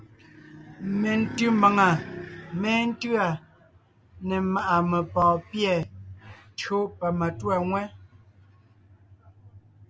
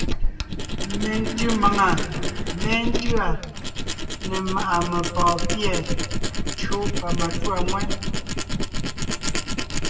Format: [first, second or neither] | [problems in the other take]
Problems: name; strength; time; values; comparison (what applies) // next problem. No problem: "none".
first | background sound (Tools); 3 dB above the speech // room echo; dies away in 1 s